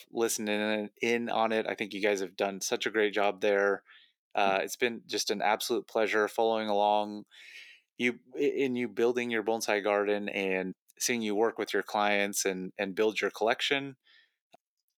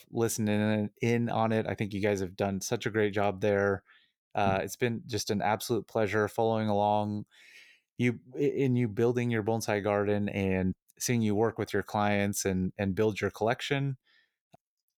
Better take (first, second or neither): second